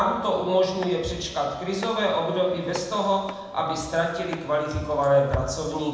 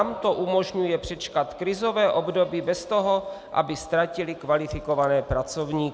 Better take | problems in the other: second | background sound (Domestic sounds, home sounds); 20 dB below the speech // room echo; dies away in 1 s

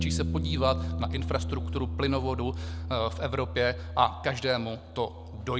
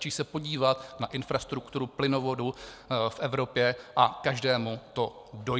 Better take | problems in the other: second | background sound (Bass guitar); 3 dB below the speech

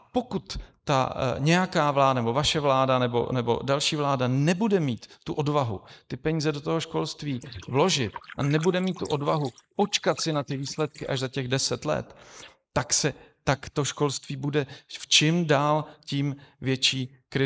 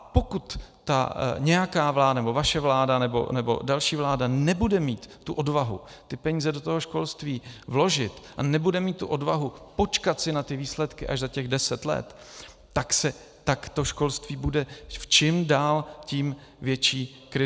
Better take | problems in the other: second | noise reduction (neural mask model Resemble Enhance denoiser)

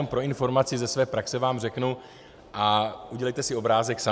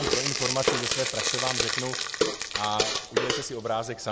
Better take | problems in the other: first | background sound (Frying (food)); 4 dB above the speech

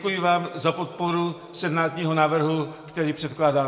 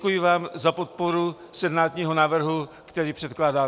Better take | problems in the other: second | room echo; dies away in 1.4 s

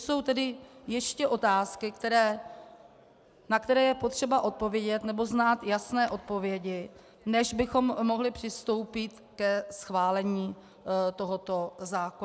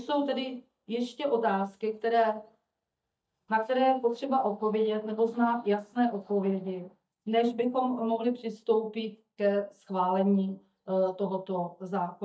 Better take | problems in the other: first | noise reduction (neural mask model DeepFilterNet 3)

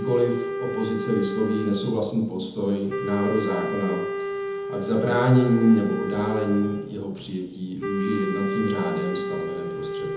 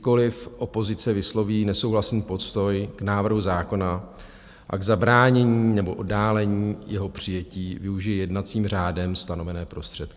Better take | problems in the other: second | background sound (Wind instrument, woodwind instrument); 5 dB below the speech // room echo; dies away in 1 s

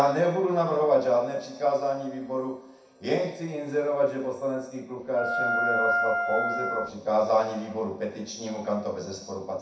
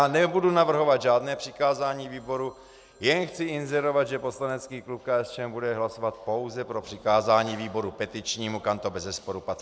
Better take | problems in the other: second | background sound (Wind instrument, woodwind instrument); as loud as the speech // room echo; dies away in 0.6 s

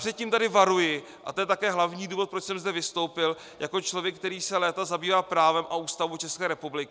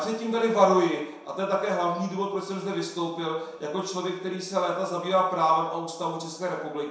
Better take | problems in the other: first | room echo; dies away in 0.7 s

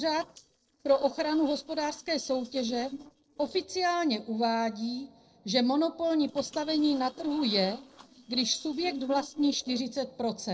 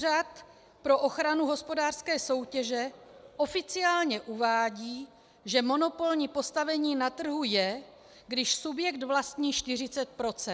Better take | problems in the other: second | noise reduction (neural separator model SepFormer DNS4)

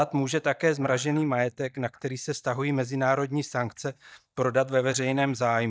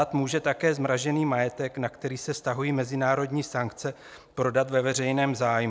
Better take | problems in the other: second | noise reduction (neural mask model DeepFilterNet 3)

